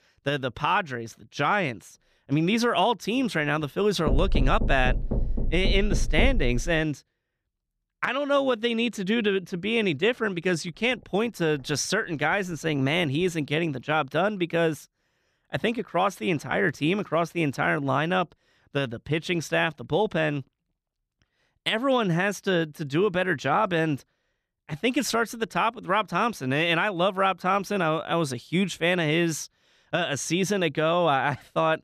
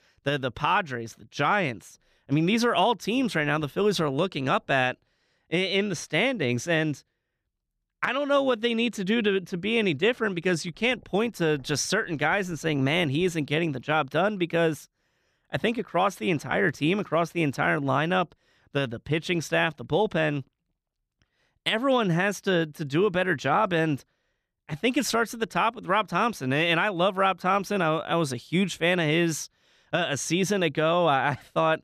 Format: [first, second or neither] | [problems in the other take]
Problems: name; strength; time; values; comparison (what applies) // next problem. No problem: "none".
second | door banging; noticeable; from 4 to 7 s; peak 1 dB below the speech